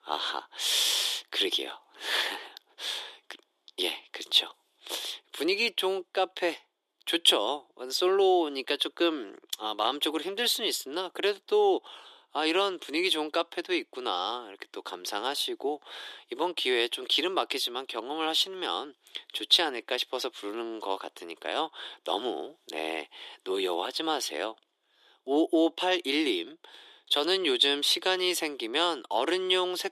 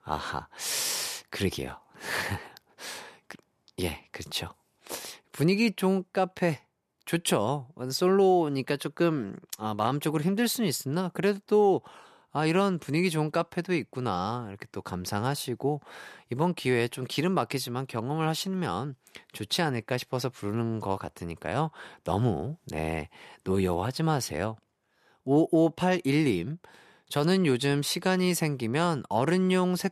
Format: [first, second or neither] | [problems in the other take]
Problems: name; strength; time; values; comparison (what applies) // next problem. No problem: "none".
second | thin; somewhat; fading below 300 Hz